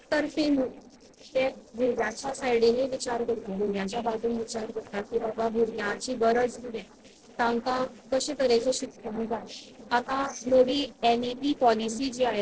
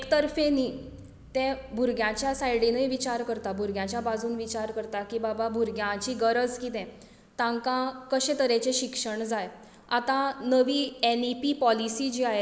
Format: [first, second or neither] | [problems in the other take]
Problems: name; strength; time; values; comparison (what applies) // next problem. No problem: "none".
second | noise reduction (neural separator model SepFormer DNS4)